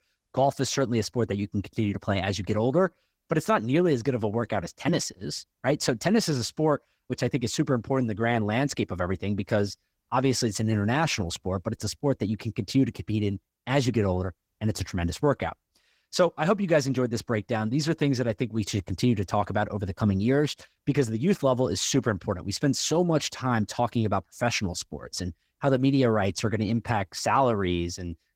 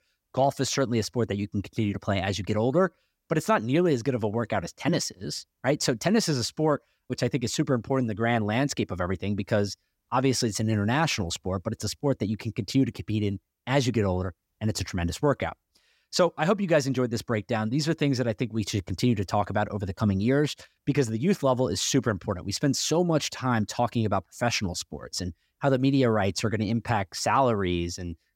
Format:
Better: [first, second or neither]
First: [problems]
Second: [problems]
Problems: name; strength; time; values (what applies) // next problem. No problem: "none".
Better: second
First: garbled, watery; slightly; nothing above 16 kHz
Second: none